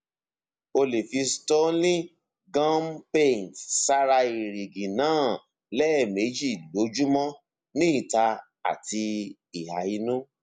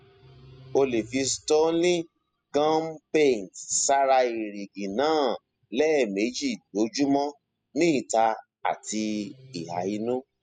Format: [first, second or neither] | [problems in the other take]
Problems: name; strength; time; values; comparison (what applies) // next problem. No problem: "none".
first | noise reduction (classical method spectral subtraction)